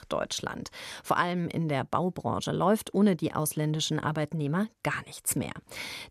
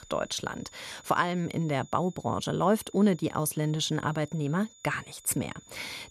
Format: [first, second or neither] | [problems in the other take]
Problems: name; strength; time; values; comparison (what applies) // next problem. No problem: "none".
first | high-pitched whine; faint; throughout; 7 kHz, 25 dB below the speech